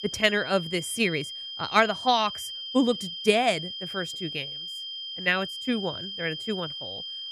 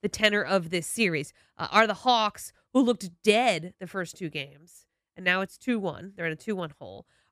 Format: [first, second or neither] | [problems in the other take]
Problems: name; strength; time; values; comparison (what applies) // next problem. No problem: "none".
second | high-pitched whine; loud; throughout; 3 kHz, 7 dB below the speech